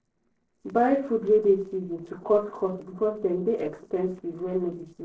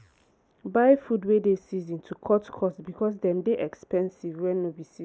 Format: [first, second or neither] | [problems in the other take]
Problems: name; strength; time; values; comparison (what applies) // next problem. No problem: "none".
second | noise reduction (neural separator model SepFormer DNS4)